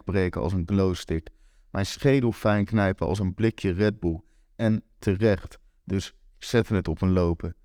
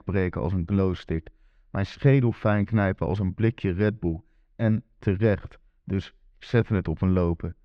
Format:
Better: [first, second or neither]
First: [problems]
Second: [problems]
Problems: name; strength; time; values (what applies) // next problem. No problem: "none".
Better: first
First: none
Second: muffled; slightly; fading above 2.5 kHz